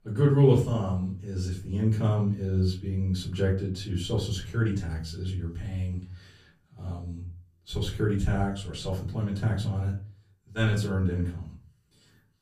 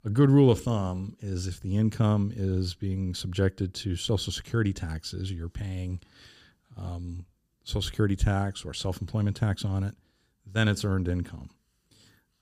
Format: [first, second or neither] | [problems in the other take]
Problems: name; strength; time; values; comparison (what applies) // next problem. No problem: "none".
second | room echo; slight; dies away in 0.3 s // off-mic speech; far